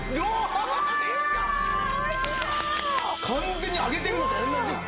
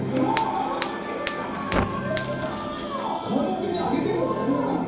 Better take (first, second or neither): first